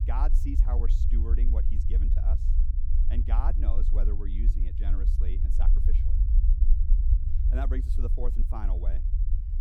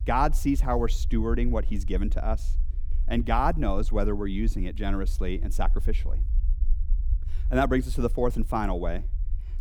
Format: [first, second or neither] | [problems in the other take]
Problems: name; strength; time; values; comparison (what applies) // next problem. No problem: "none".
second | low rumble; loud; throughout; 5 dB below the speech; faint in the second